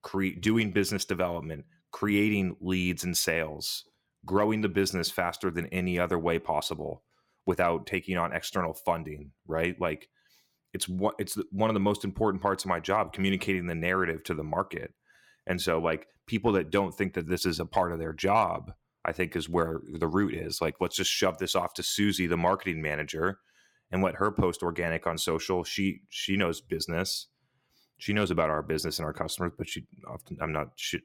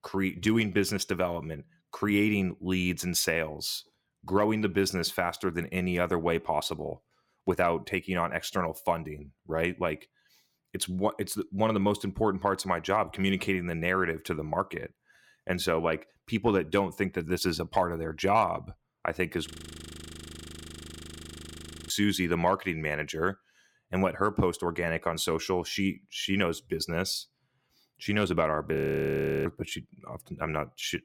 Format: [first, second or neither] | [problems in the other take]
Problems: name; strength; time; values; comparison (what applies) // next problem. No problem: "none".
first | audio freezing; at 19 s for 2.5 s and at 29 s for 0.5 s